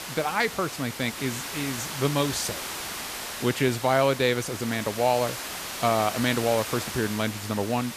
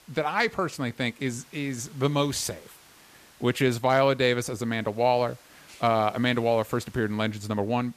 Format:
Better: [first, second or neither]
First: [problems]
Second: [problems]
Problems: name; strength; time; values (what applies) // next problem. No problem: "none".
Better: second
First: hiss; loud; throughout; 7 dB below the speech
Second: hiss; faint; throughout; 25 dB below the speech